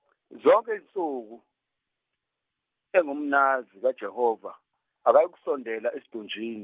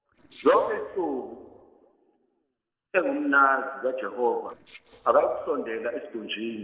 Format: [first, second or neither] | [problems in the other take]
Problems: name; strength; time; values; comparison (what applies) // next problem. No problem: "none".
first | noise reduction (neural separator model SepFormer DNS4)